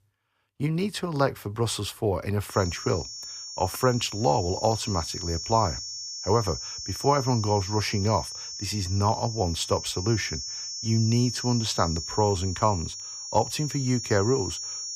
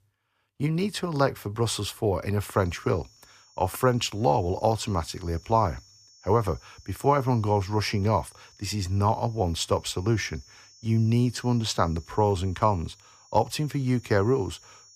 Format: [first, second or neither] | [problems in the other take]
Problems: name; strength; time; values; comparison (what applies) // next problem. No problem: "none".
second | high-pitched whine; loud; from 2.5 s on; 5.5 kHz, 7 dB below the speech; faint in the second